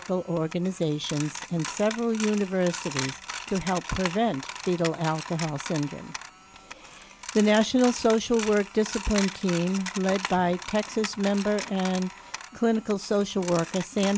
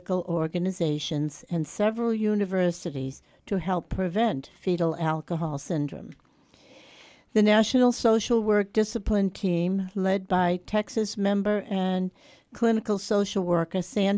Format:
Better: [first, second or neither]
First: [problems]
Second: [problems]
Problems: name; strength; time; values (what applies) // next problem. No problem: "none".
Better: second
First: background sound (Coin (dropping)); 11 dB below the speech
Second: none